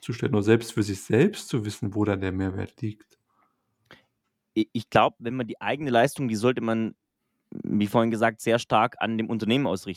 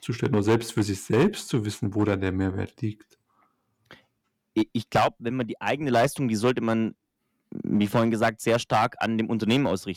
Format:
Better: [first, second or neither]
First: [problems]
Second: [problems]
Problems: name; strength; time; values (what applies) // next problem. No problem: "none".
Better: first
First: none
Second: distortion; slight; 3% of the sound clipped